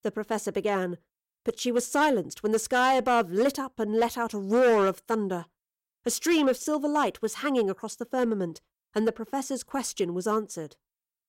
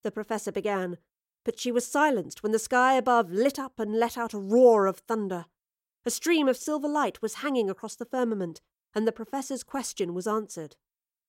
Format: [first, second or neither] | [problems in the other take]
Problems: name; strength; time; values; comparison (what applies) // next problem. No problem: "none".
second | distortion; slight; 4% of the sound clipped